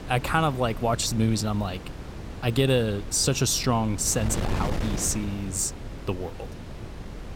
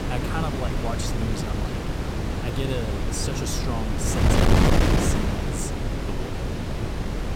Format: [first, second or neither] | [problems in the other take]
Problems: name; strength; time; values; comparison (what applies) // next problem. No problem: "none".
first | wind noise on the microphone; heavy; 5 dB above the speech; occasional gusts in the first